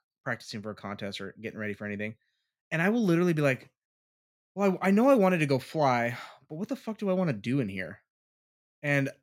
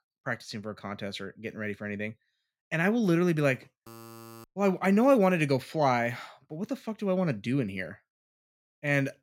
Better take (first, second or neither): first